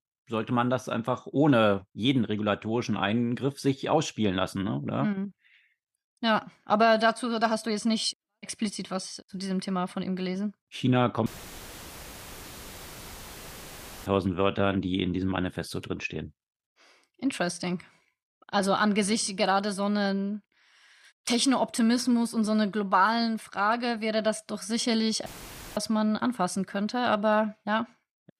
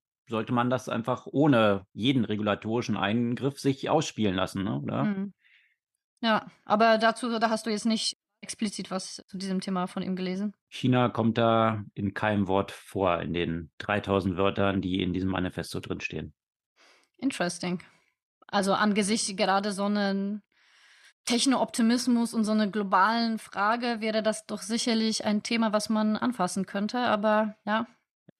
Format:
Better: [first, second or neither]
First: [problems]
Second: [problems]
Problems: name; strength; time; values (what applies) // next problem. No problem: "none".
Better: second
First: audio cutting out; filled with static; at 11 s for 3 s and at 25 s for 0.5 s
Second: none